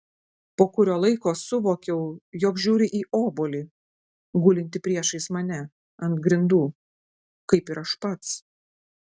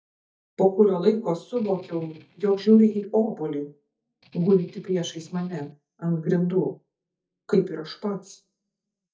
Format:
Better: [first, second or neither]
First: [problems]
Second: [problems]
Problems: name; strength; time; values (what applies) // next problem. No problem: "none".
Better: first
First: none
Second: noise reduction (neural mask model DeepFilterNet 3)